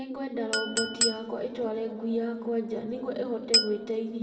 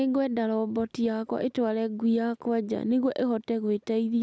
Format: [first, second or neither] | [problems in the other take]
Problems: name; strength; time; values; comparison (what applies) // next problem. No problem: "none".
second | background sound (Chink, clink); 1 dB below the speech // room echo; dies away in 2.3 s